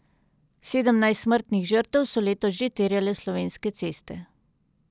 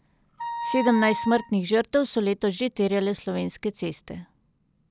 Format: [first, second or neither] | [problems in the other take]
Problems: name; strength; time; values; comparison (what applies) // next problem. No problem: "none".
first | background sound (Wind instrument, woodwind instrument); 6 dB below the speech